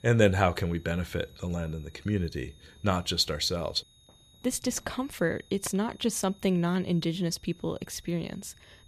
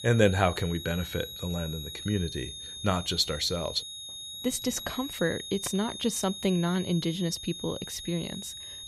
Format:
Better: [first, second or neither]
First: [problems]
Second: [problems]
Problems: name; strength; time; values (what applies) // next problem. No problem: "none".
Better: first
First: high-pitched whine; faint; throughout; 3.5 kHz, 30 dB below the speech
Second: high-pitched whine; loud; throughout; 3.5 kHz, 8 dB below the speech